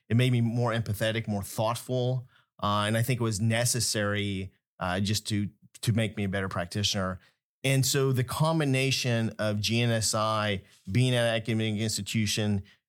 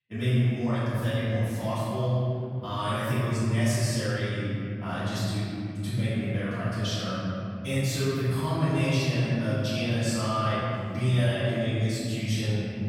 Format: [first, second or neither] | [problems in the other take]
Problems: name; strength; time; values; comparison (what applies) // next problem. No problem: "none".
first | off-mic speech; far // room echo; strong; dies away in 3 s